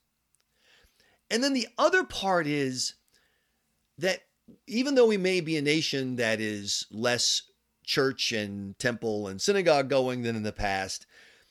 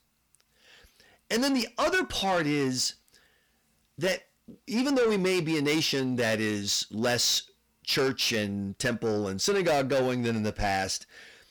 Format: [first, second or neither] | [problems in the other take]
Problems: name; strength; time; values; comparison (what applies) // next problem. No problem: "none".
first | distortion; heavy; 8 dB below the speech